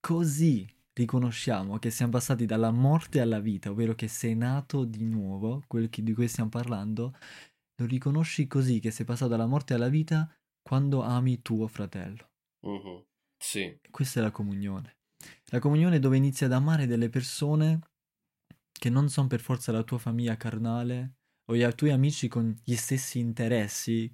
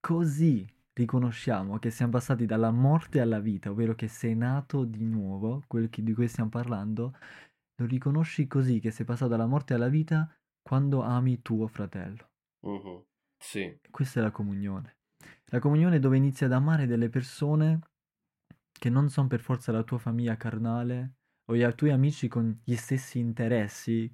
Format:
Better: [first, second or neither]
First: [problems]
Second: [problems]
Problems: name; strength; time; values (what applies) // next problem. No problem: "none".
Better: first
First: none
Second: muffled; slightly; fading above 2.5 kHz